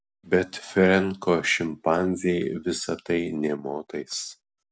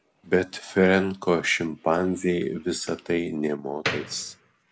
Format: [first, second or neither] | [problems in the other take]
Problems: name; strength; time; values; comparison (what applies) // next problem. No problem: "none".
first | background sound (Slam); 15 dB below the speech